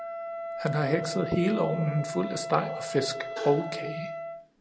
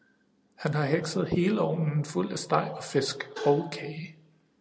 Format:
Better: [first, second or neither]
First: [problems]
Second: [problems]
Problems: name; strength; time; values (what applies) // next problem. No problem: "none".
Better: second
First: background sound (Wind instrument, woodwind instrument); 7 dB below the speech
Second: none